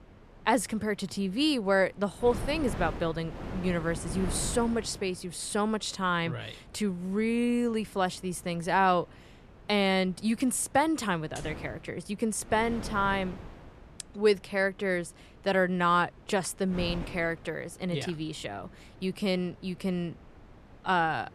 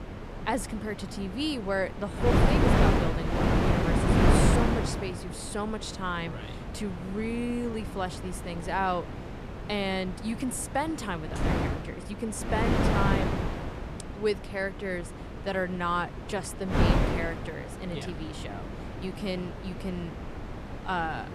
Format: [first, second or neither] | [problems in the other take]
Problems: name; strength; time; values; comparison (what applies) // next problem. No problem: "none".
first | wind noise on the microphone; heavy; 1 dB below the speech; occasional gusts in the first